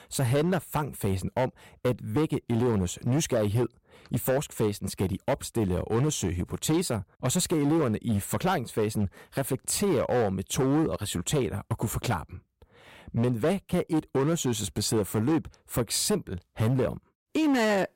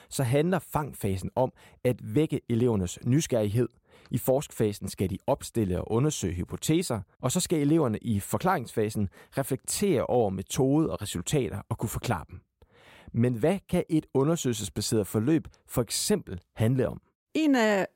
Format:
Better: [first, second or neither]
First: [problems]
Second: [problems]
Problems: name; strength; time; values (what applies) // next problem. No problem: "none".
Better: second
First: distortion; slight; 11% of the sound clipped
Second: none